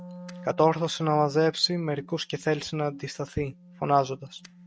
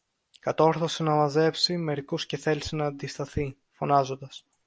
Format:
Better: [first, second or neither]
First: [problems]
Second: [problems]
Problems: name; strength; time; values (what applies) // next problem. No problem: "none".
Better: second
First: noise reduction (neural mask model RNNoise)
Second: none